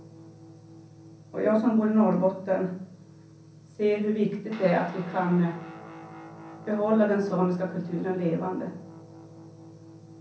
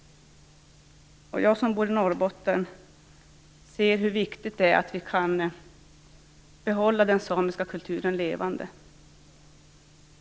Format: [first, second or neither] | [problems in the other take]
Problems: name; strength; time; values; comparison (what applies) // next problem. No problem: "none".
second | background sound (Guitar); 19 dB below the speech // room echo; dies away in 0.6 s